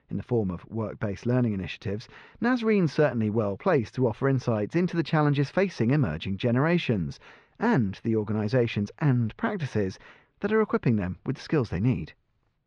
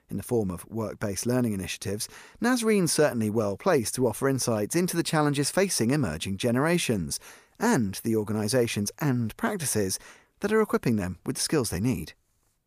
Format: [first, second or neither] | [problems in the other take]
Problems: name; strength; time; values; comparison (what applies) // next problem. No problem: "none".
second | muffled; slightly; fading above 3.5 kHz